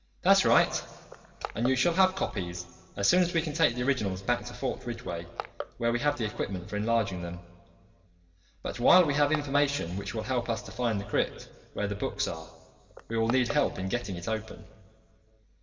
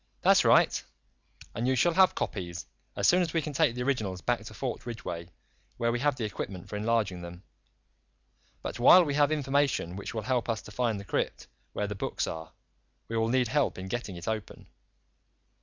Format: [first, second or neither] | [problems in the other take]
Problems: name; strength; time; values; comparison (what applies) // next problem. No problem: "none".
second | background sound (Crushing); 17 dB below the speech // room echo; dies away in 2.2 s